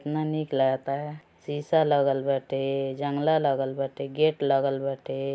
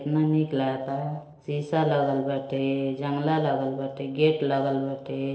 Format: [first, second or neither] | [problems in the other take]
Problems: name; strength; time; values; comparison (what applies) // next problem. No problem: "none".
first | noise reduction (neural separator model SepFormer DNS4)